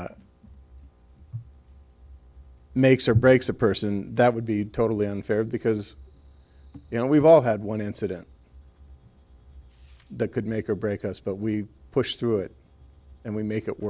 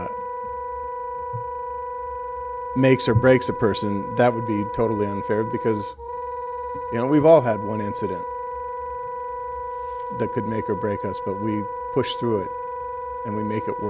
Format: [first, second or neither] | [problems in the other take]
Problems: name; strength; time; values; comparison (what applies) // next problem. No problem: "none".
first | background sound (Wind instrument, woodwind instrument); 6 dB below the speech